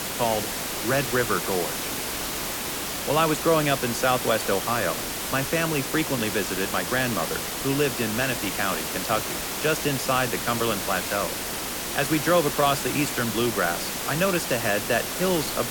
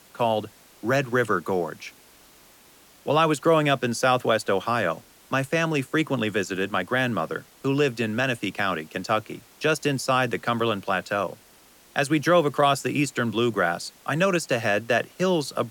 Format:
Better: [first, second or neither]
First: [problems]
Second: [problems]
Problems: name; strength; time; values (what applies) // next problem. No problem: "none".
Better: second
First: hiss; loud; throughout; 2 dB below the speech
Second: hiss; faint; throughout; 25 dB below the speech